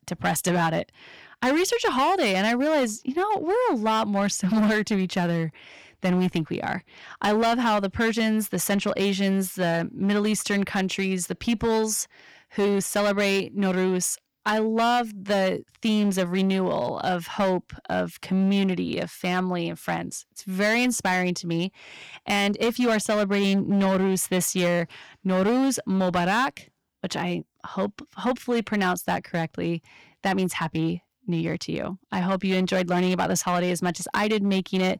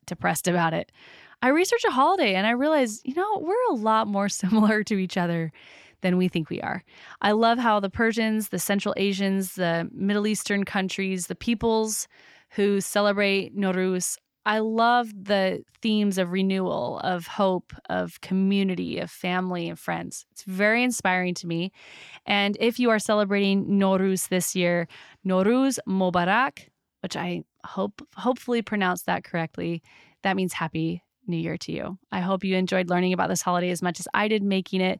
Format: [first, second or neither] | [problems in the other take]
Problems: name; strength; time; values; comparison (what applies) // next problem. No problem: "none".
second | distortion; slight; 11% of the sound clipped